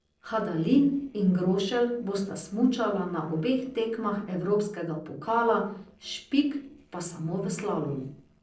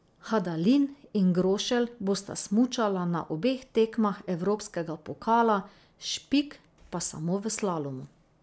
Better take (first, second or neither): second